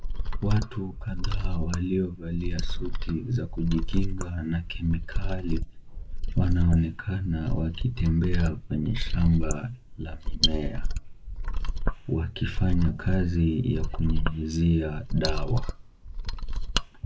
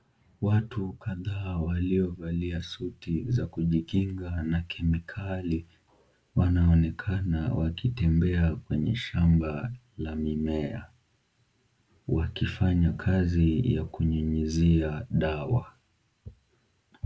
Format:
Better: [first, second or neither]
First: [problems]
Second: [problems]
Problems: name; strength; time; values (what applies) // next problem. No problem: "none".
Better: second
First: noise reduction (neural mask model Resemble Enhance denoiser)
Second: none